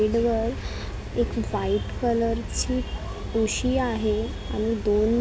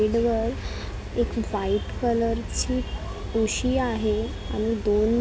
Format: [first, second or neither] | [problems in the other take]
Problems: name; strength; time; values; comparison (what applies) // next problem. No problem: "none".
second | background sound (Truck); 19 dB below the speech